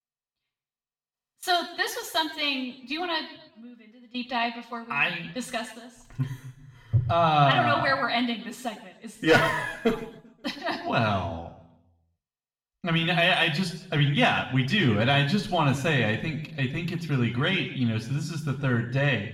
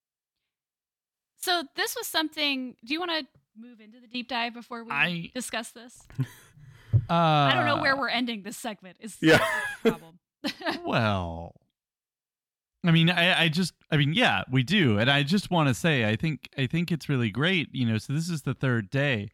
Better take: second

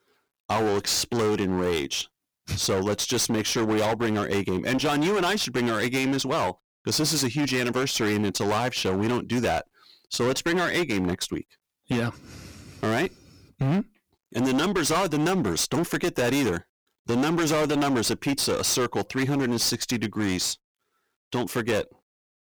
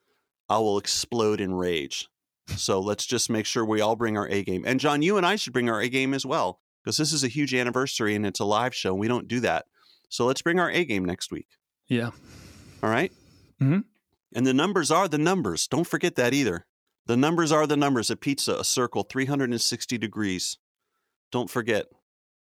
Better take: second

